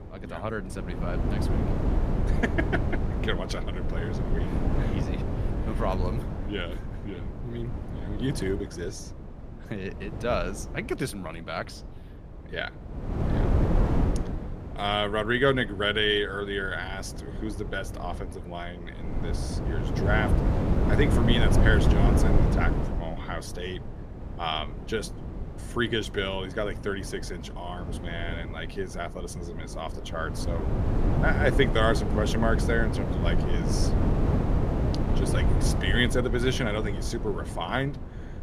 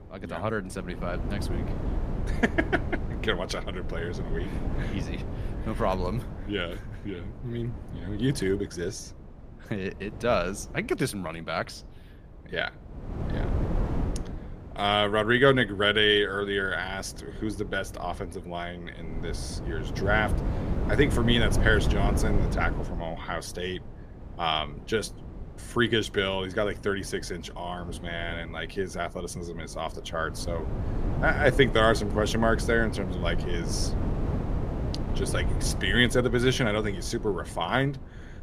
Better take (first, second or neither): second